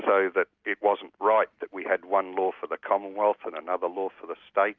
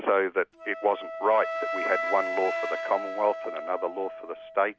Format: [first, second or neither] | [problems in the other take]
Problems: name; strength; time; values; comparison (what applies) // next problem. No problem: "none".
first | background sound (Wind instrument, woodwind instrument); 6 dB below the speech